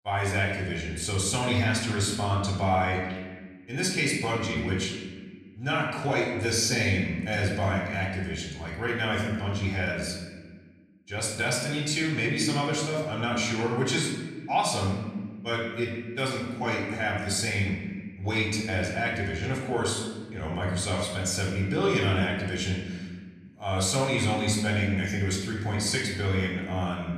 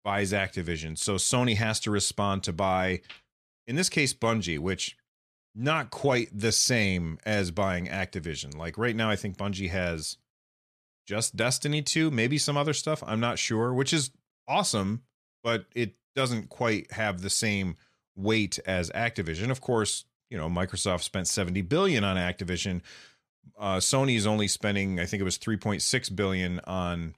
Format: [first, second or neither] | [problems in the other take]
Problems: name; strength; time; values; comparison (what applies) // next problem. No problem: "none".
second | off-mic speech; far // room echo; noticeable; dies away in 1.3 s